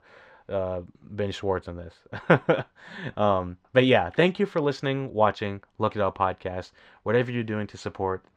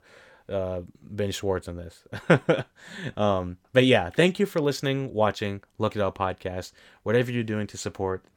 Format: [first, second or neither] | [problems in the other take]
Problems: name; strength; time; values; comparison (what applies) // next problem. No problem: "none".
second | muffled; slightly; fading above 4 kHz